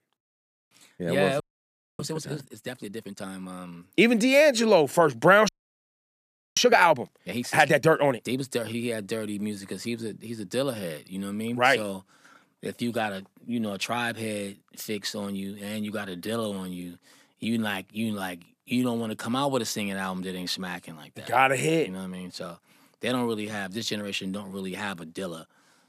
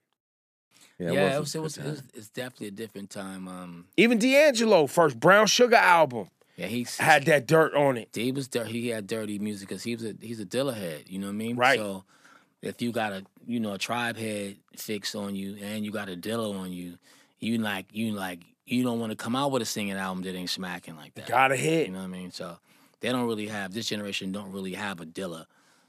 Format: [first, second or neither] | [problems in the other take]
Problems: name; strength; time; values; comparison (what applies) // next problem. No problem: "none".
second | audio freezing; at 1.5 s for 0.5 s and at 5.5 s for 1 s